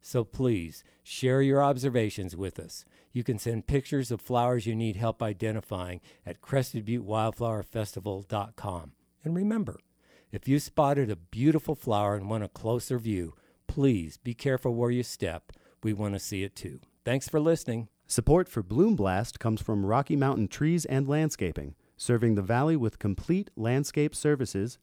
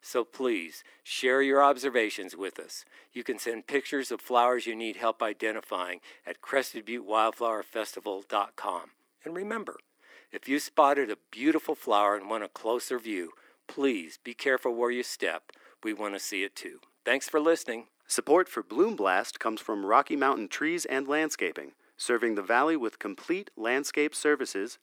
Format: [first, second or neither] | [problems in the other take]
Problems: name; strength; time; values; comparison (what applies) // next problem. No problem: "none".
first | thin; somewhat; fading below 300 Hz